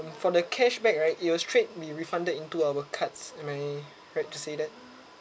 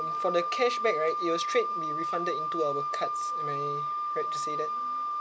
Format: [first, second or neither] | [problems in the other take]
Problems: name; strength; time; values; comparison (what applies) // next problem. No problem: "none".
first | background sound (Wind instrument, woodwind instrument); 1 dB above the speech